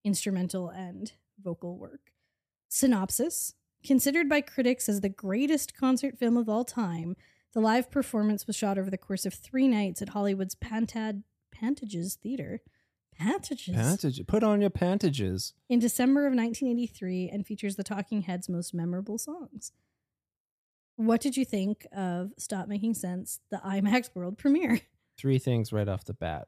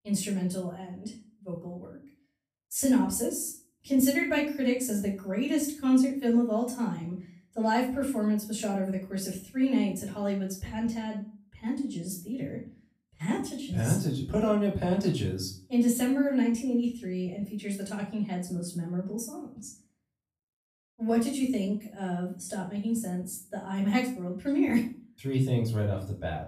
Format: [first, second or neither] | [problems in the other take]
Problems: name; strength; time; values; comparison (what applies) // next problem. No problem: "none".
first | off-mic speech; far // room echo; slight; dies away in 0.4 s